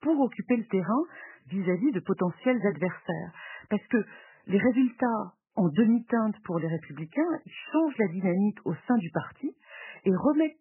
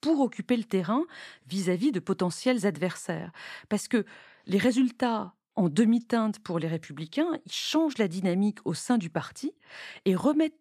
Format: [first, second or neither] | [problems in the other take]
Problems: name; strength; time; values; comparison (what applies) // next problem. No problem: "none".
second | garbled, watery; badly; nothing above 3 kHz